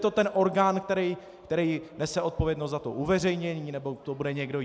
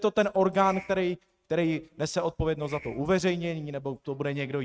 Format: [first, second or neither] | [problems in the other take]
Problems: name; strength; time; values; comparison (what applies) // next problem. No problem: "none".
first | noise reduction (neural mask model RNNoise)